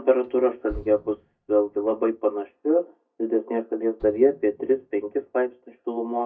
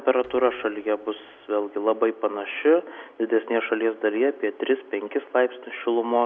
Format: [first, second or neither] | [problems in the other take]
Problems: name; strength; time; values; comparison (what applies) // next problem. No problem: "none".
second | noise reduction (neural mask model DeepFilterNet 3)